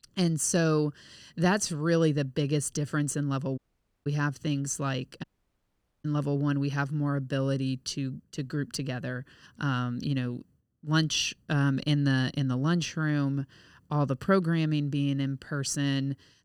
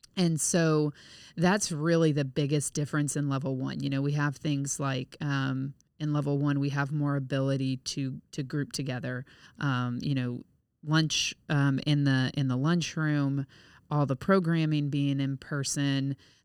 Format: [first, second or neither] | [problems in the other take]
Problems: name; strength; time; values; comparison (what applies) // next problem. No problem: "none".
second | audio cutting out; at 3.5 s and at 5 s for 1 s